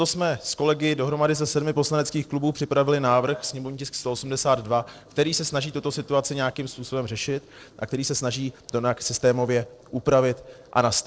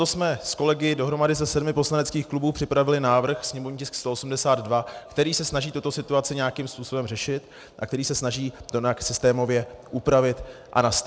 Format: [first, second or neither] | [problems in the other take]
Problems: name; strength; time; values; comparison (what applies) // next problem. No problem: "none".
second | noise reduction (neural separator model SepFormer DNS4)